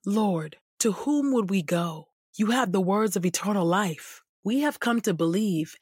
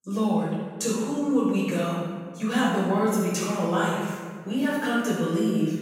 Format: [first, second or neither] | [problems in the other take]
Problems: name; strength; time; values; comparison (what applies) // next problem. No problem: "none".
first | off-mic speech; far // room echo; strong; dies away in 1.5 s